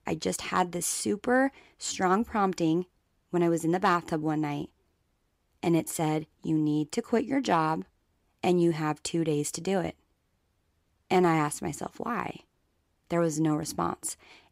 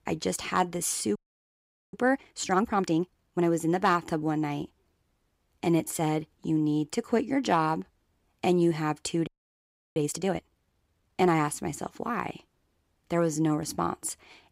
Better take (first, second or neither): first